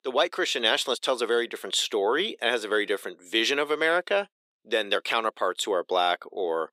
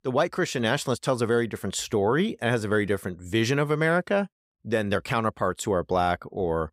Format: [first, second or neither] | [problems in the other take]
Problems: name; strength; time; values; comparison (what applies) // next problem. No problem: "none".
second | thin; somewhat; fading below 350 Hz